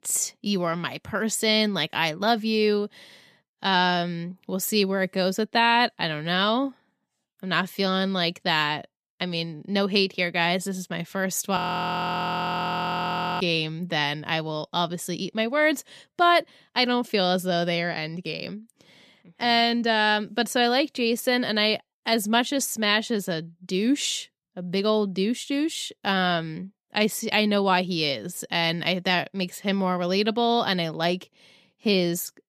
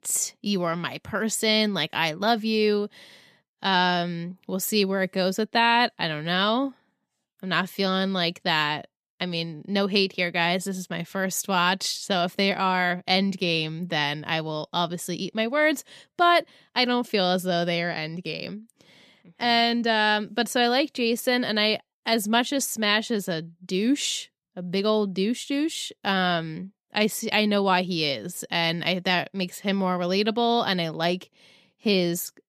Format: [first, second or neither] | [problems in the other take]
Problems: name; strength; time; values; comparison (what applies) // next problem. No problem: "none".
second | audio freezing; at 12 s for 2 s